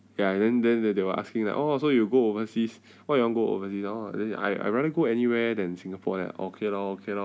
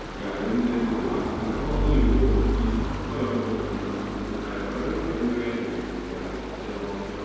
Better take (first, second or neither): first